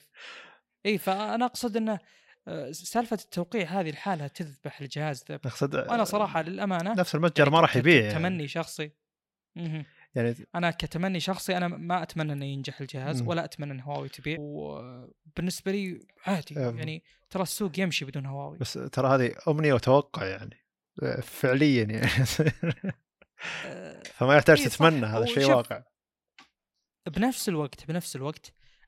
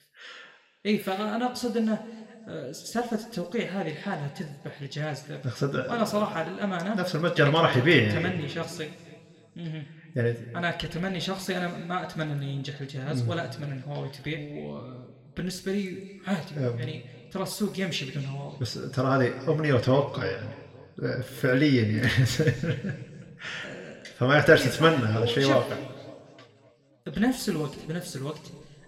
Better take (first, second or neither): first